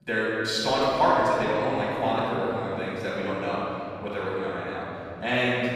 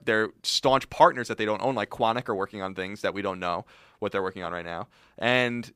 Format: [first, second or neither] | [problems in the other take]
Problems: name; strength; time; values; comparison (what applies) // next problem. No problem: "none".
second | off-mic speech; far // room echo; strong; dies away in 3 s